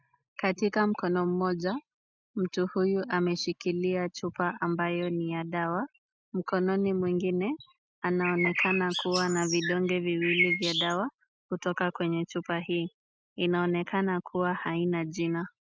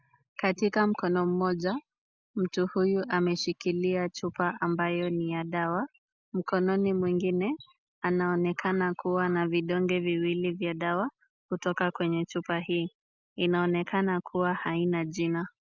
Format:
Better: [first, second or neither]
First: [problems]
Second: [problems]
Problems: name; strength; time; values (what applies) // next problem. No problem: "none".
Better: second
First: noise reduction (neural mask model RNNoise)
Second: none